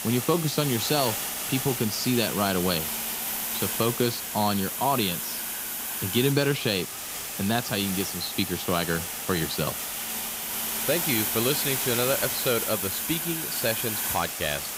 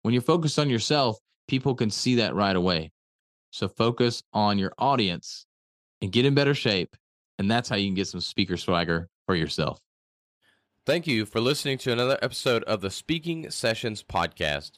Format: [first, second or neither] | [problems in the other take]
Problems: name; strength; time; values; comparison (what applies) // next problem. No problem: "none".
second | hiss; loud; throughout; 1 dB below the speech